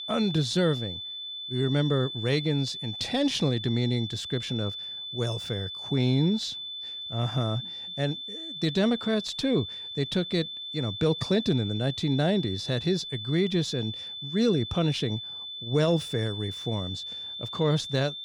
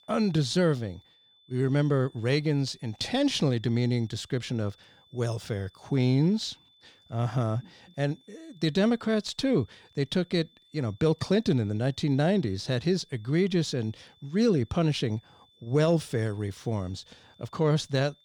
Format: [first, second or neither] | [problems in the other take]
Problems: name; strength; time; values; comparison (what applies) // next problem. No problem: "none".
second | high-pitched whine; loud; throughout; 3.5 kHz, 7 dB below the speech; faint in the second